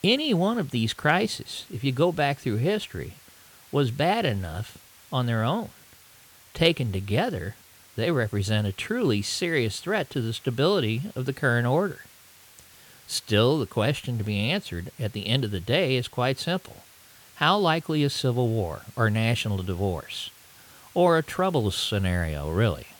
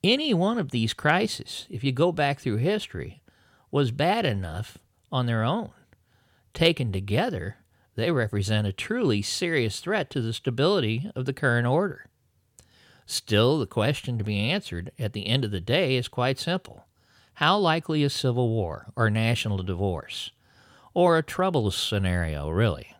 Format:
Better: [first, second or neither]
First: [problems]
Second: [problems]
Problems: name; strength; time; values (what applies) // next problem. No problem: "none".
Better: second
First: hiss; faint; throughout; 25 dB below the speech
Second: none